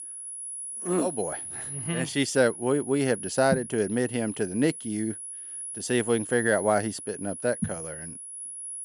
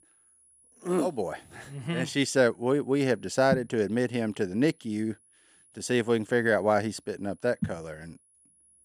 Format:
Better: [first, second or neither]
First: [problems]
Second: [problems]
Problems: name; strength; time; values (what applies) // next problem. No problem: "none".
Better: second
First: high-pitched whine; loud; throughout; 10.5 kHz, 9 dB below the speech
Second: high-pitched whine; faint; throughout; 10.5 kHz, 35 dB below the speech